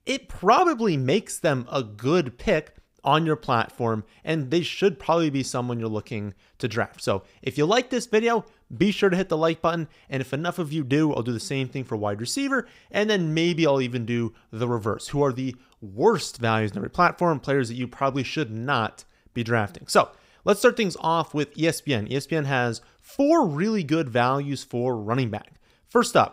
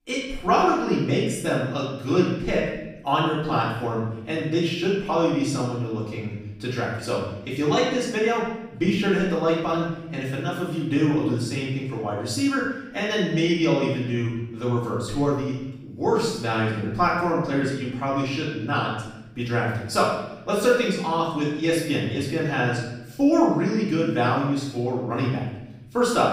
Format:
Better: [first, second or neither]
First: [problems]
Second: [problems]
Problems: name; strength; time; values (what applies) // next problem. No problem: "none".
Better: first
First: none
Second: room echo; noticeable; dies away in 0.8 s // off-mic speech; far